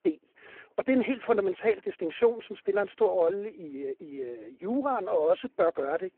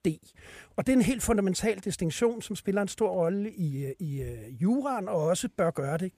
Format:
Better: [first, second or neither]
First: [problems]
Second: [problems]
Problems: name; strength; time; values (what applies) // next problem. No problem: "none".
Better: second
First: phone-call audio; poor line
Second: none